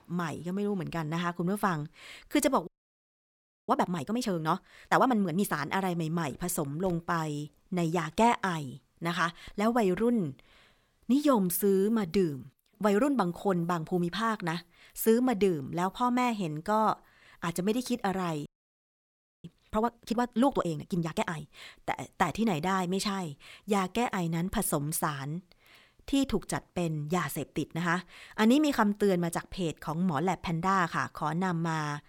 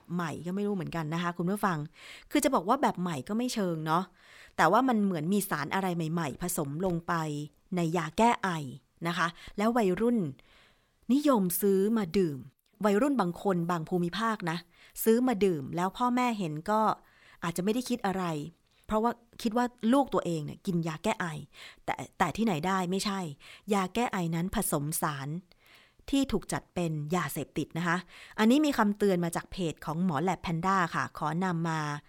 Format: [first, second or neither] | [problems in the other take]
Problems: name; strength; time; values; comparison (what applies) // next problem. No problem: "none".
second | audio freezing; at 2.5 s for 1 s and at 18 s for 1 s